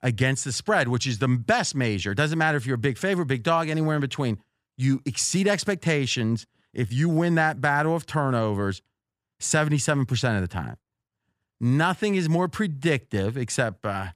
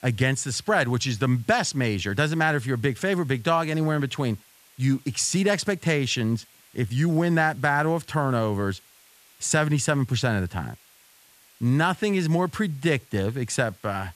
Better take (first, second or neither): first